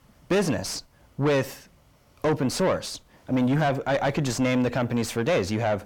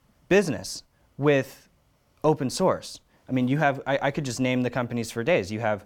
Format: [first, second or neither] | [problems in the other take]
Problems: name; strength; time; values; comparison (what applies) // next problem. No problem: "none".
second | distortion; heavy; 7 dB below the speech